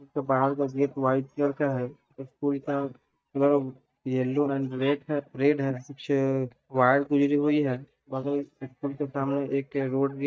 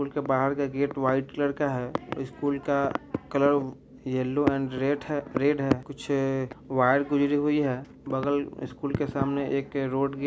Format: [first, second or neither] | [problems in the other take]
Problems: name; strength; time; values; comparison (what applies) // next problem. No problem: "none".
second | noise reduction (neural mask model DeepFilterNet 3)